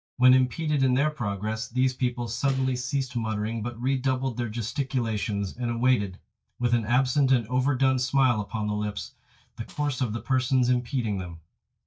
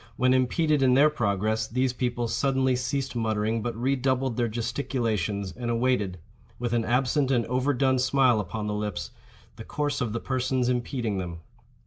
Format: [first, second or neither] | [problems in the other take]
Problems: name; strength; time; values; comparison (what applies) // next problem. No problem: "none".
second | noise reduction (neural mask model DeepFilterNet 3)